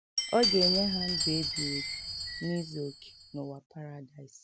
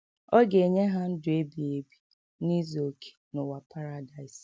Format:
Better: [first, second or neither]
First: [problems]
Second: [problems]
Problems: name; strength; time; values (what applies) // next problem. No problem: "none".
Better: second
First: background sound (Glass); 1 dB above the speech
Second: none